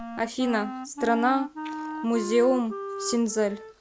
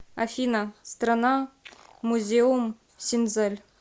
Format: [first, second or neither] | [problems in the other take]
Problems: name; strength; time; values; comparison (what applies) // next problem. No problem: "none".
second | background sound (Wind instrument, woodwind instrument); 9 dB below the speech